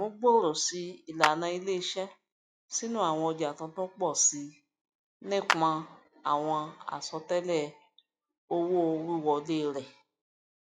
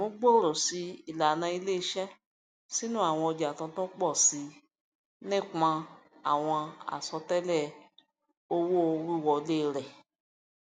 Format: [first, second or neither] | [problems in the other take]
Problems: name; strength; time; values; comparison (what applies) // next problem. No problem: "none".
second | noise reduction (classical method log-MMSE)